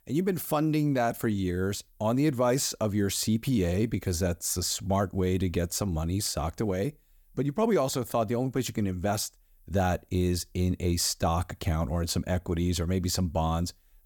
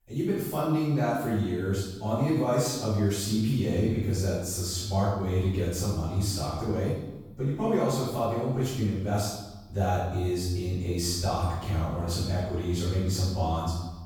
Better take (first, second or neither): first